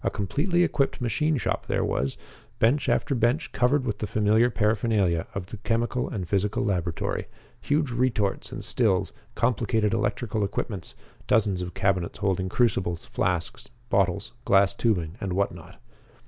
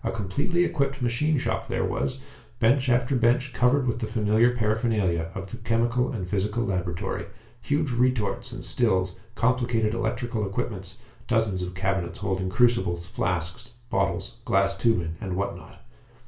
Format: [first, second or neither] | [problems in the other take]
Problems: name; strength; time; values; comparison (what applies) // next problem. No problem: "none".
first | room echo; dies away in 0.3 s